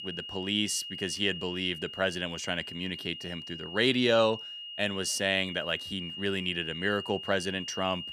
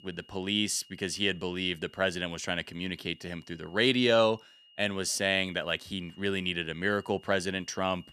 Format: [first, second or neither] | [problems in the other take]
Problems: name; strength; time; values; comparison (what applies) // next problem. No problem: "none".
second | high-pitched whine; loud; throughout; 3 kHz, 9 dB below the speech; faint in the second